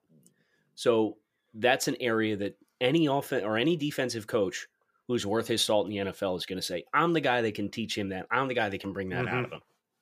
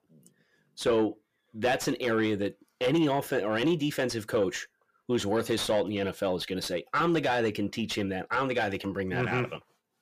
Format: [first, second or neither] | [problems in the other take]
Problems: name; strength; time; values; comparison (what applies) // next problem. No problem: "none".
first | distortion; slight; 10 dB below the speech